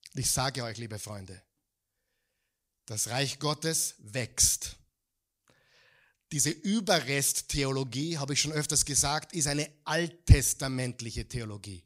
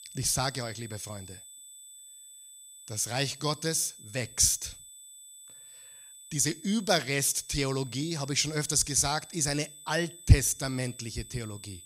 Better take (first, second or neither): first